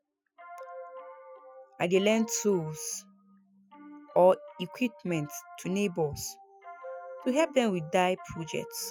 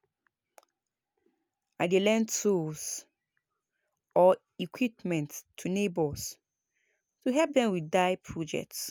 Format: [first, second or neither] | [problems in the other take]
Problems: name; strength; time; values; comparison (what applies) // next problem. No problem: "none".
second | noise reduction (classical method Wiener filter)